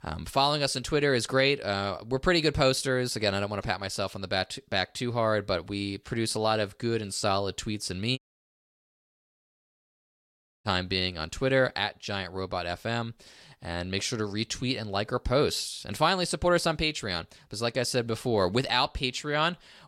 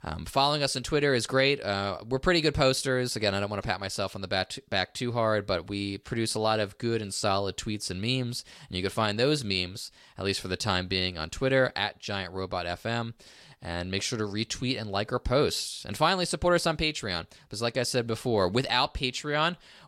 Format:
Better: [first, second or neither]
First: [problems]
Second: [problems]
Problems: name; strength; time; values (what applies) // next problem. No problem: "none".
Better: second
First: audio cutting out; at 8 s for 2.5 s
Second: none